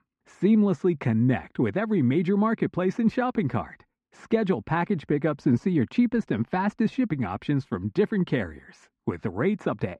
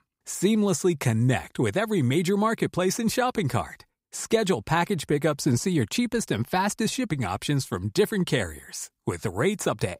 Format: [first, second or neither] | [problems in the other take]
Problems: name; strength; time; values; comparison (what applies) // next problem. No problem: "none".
second | muffled; very; fading above 2 kHz